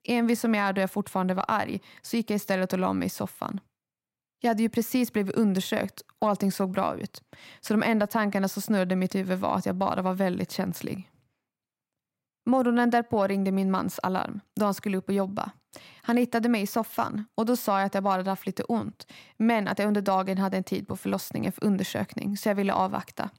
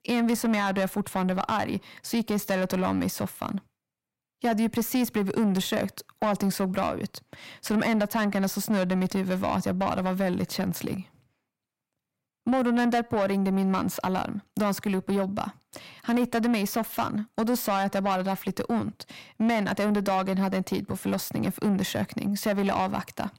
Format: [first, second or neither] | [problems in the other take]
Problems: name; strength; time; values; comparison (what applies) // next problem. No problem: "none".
first | distortion; slight; 10 dB below the speech